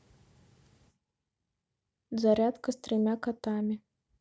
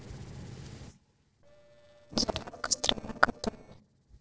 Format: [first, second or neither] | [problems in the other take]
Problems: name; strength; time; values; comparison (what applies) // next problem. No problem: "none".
first | noise reduction (neural separator model SepFormer DNS4)